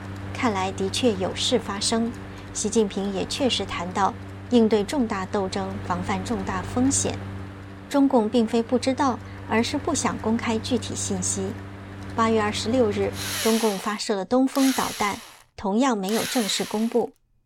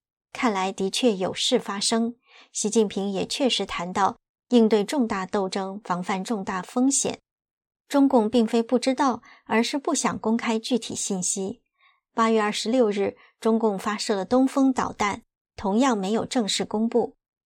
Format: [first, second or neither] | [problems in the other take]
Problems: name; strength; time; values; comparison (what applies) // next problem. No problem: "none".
second | machinery noise; noticeable; throughout; 10 dB below the speech